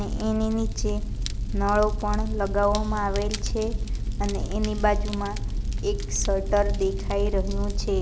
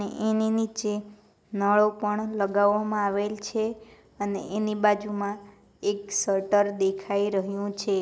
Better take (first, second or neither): second